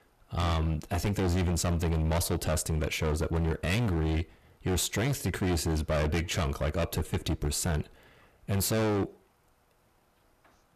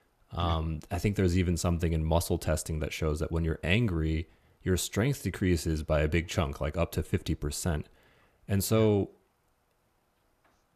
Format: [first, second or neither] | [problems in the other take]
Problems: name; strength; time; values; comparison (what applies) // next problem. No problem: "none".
second | distortion; heavy; 23% of the sound clipped